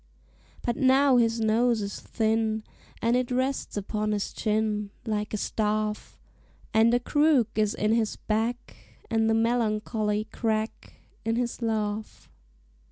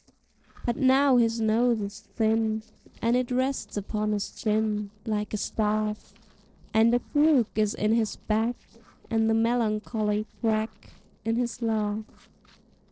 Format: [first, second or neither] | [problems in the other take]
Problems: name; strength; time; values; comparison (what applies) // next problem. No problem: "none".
first | noise reduction (neural separator model SepFormer DNS4)